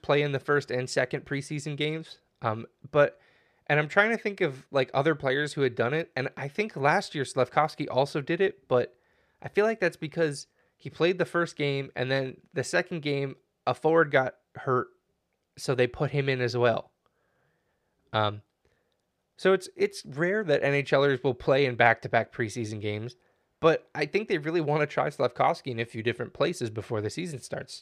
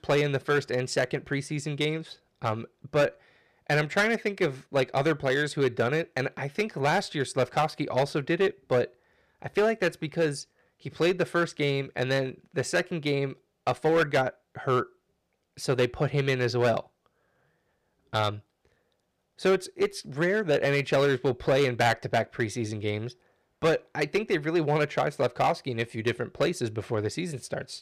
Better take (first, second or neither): first